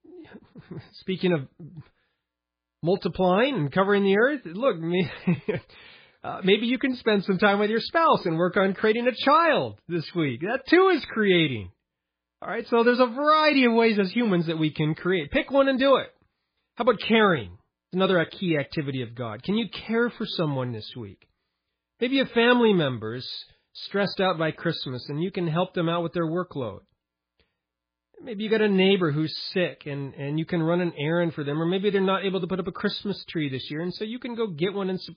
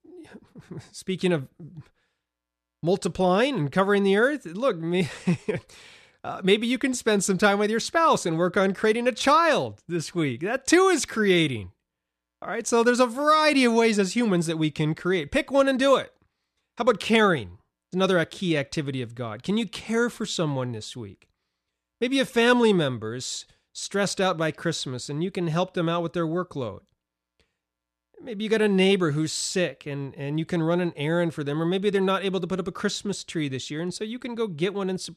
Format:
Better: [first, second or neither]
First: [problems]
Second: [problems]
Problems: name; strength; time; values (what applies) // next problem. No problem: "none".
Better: second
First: garbled, watery; badly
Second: none